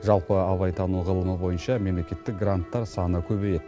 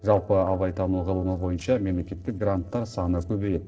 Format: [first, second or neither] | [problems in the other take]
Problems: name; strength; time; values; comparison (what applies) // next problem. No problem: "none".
first | noise reduction (neural separator model SepFormer DNS4)